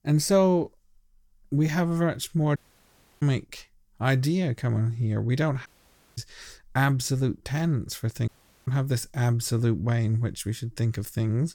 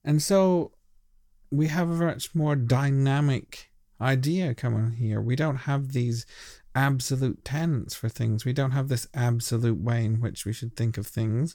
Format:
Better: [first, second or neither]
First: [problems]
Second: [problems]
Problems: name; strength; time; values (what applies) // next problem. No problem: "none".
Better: second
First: audio cutting out; at 2.5 s for 0.5 s, at 5.5 s for 0.5 s and at 8.5 s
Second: none